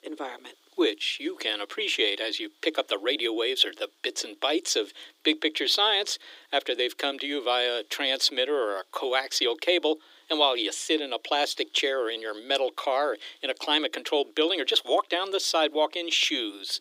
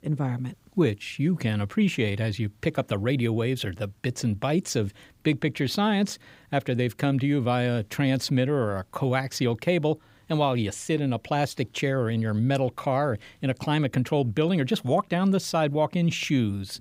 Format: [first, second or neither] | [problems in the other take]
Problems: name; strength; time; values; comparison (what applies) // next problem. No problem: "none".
second | thin; very; fading below 300 Hz